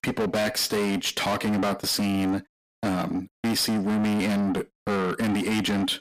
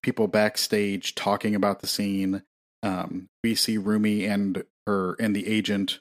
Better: second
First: distortion; heavy; 6 dB below the speech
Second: none

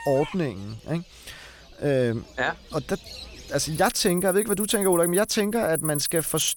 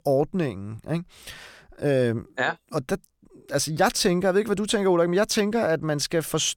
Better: second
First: animal sounds; loud; throughout; 5 dB below the speech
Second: none

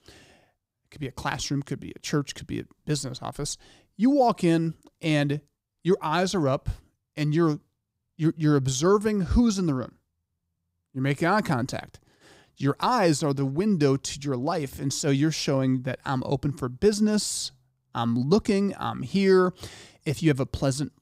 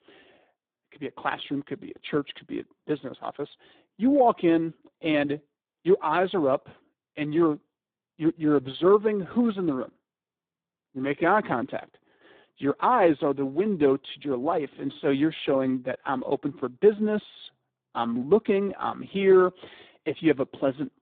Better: first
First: none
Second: phone-call audio; poor line; nothing above 3.5 kHz

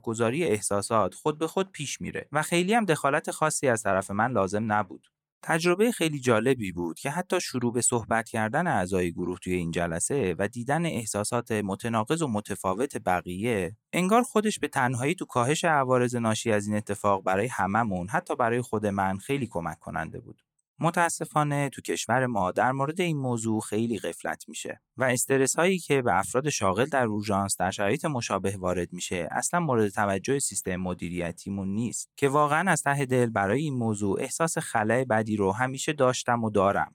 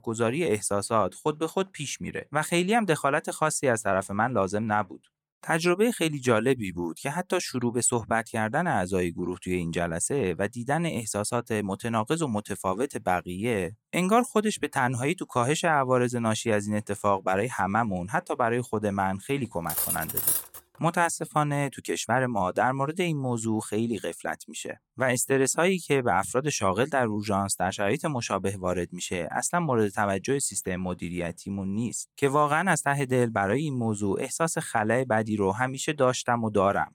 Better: first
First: none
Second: clattering dishes; loud; at 20 s; peak 3 dB above the speech

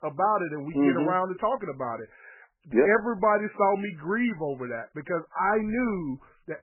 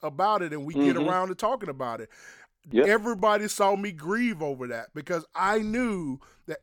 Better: second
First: garbled, watery; badly; nothing above 2.5 kHz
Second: none

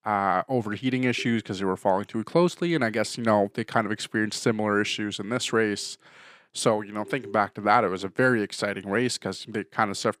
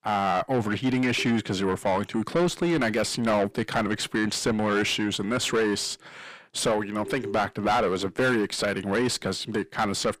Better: first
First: none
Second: distortion; heavy; 6 dB below the speech

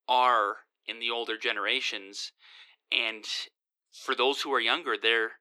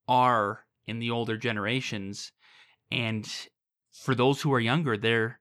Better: second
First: thin; very; fading below 300 Hz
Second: none

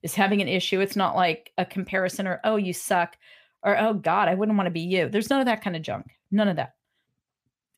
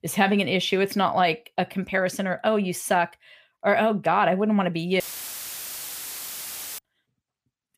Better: first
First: none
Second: audio cutting out; filled with static; at 5 s for 2 s

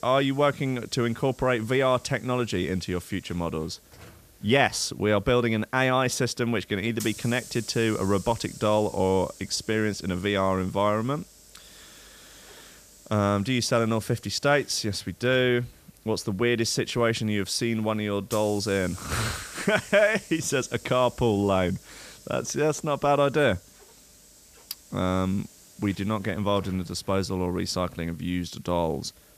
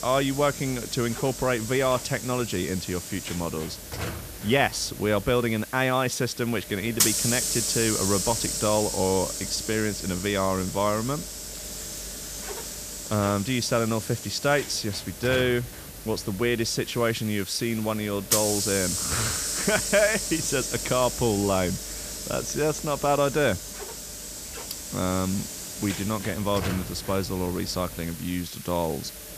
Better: first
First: hiss; faint; throughout; 20 dB below the speech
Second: hiss; loud; throughout; 4 dB below the speech

